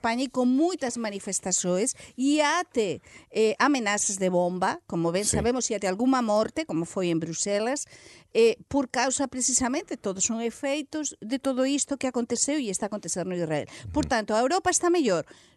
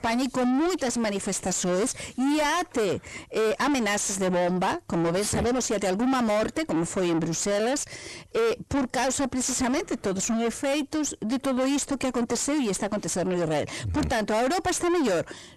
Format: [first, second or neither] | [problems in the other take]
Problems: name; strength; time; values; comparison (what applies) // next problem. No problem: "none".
first | distortion; heavy; 5 dB below the speech